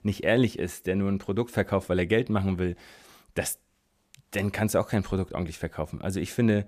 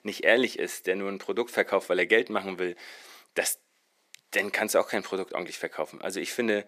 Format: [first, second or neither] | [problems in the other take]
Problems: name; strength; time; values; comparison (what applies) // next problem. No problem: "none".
first | thin; somewhat; fading below 350 Hz